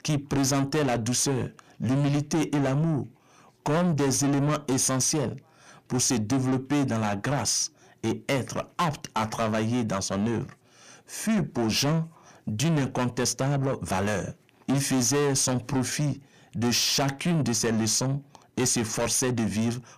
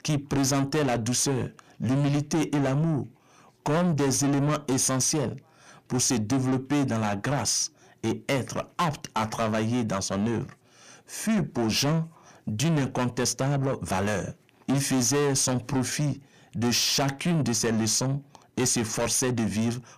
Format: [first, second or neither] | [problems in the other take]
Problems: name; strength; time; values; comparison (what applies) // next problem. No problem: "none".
neither | distortion; heavy; 6 dB below the speech; the same in both